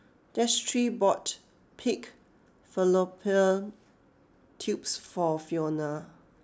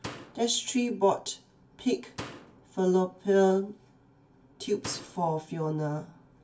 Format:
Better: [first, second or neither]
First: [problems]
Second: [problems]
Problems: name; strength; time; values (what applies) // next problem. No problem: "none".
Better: first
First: none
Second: background sound (Slam); 16 dB below the speech // room echo; dies away in 0.1 s